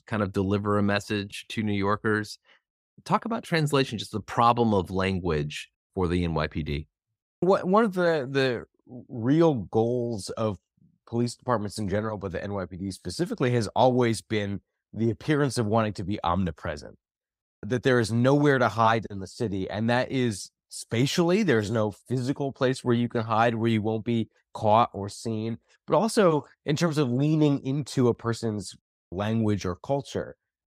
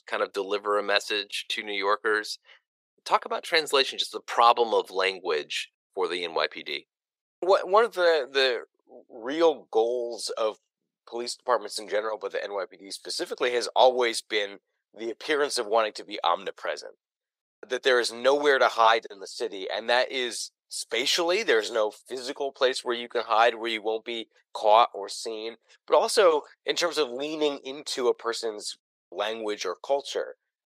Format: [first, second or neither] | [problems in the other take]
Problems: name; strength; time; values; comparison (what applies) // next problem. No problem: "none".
first | thin; very; fading below 450 Hz